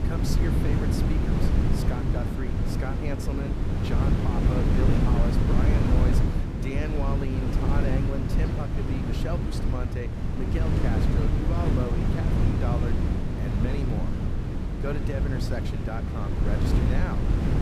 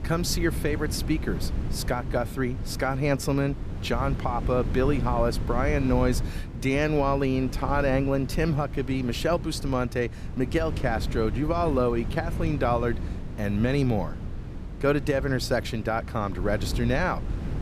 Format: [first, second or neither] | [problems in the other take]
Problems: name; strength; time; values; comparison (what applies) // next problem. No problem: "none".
second | wind noise on the microphone; heavy; 2 dB above the speech; occasional gusts in the second